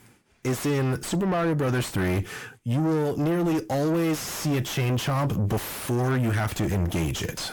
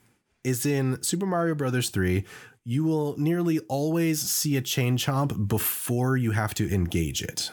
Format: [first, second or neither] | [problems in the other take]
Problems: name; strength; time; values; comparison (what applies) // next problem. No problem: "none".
second | distortion; heavy; 6 dB below the speech